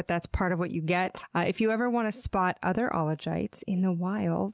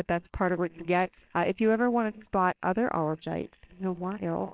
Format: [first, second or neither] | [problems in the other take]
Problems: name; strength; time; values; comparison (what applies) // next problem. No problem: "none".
first | noise reduction (neural separator model SepFormer WHAMR!)